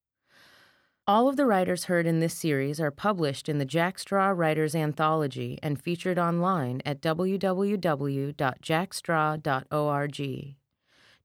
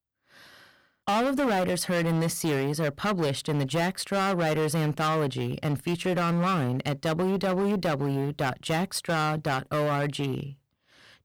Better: first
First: none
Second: distortion; heavy; 18% of the sound clipped

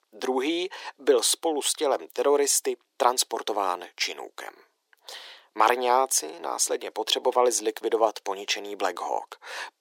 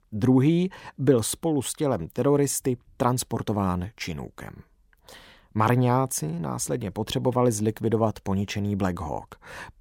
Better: second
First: thin; very; fading below 350 Hz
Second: none

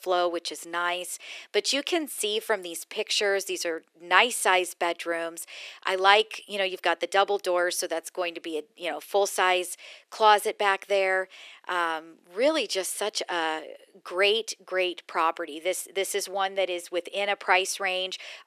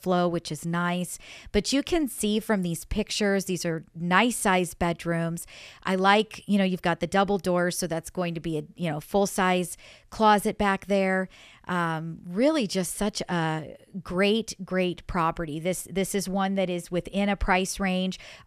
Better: second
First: thin; very; fading below 350 Hz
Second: none

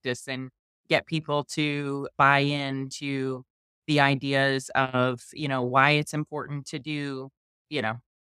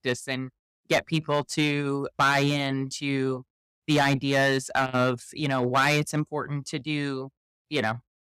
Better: first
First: none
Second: distortion; heavy; 3% of the sound clipped

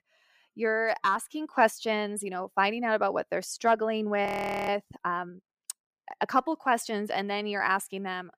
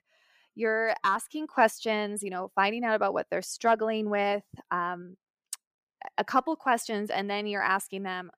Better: second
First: audio freezing; at 4.5 s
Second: none

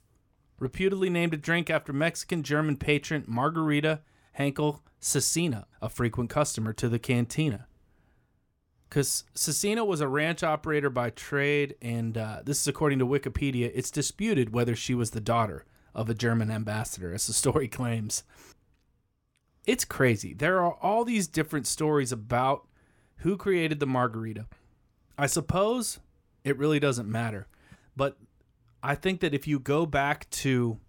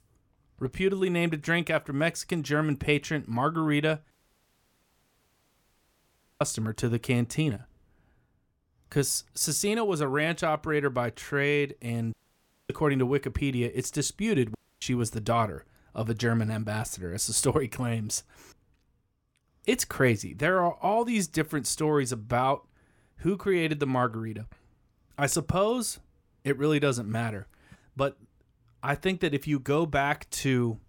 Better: first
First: none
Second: audio cutting out; at 4 s for 2.5 s, at 12 s for 0.5 s and at 15 s

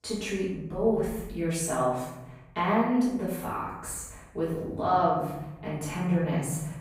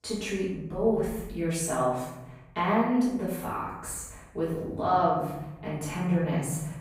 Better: neither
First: room echo; noticeable; dies away in 0.9 s // off-mic speech; far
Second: room echo; noticeable; dies away in 0.9 s // off-mic speech; far

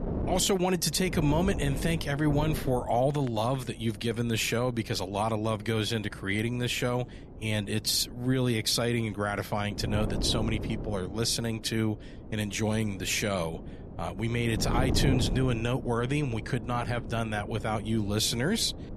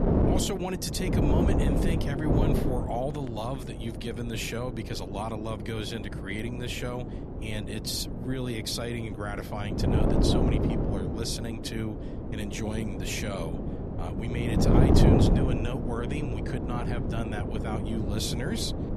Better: first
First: wind noise on the microphone; occasional gusts; 15 dB below the speech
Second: wind noise on the microphone; heavy; as loud as the speech

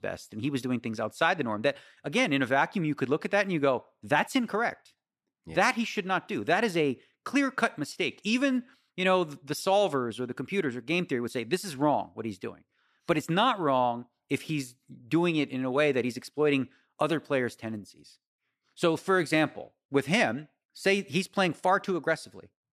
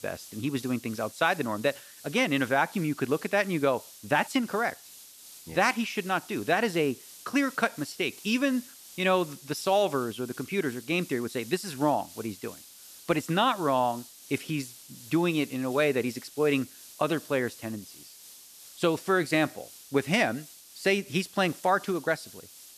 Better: first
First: none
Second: hiss; noticeable; throughout; 20 dB below the speech

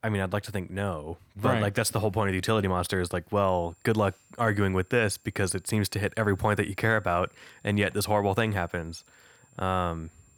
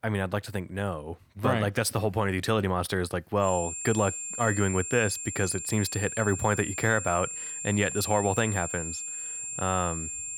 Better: first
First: high-pitched whine; faint; from 3.5 s on; 7.5 kHz, 35 dB below the speech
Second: high-pitched whine; loud; from 3.5 s on; 7.5 kHz, 5 dB below the speech

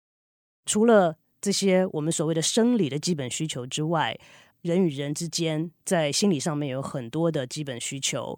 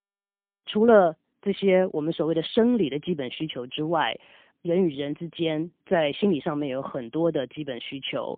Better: first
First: none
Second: phone-call audio; poor line

